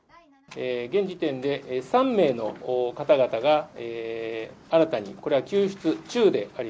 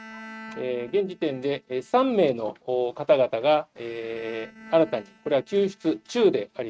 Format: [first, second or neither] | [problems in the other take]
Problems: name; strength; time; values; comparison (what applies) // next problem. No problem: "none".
first | noise reduction (neural mask model RNNoise)